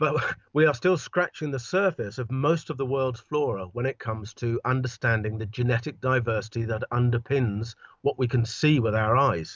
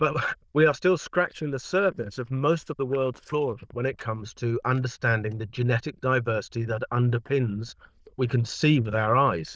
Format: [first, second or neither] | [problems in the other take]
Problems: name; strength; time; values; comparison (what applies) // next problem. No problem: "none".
first | noise reduction (neural diffusion model UNIVERSE++)